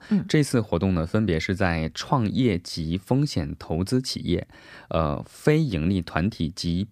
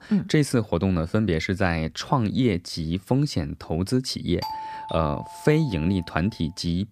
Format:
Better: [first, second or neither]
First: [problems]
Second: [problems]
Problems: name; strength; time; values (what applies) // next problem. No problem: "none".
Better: first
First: none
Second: doorbell; noticeable; from 4.5 to 6 s; peak 8 dB below the speech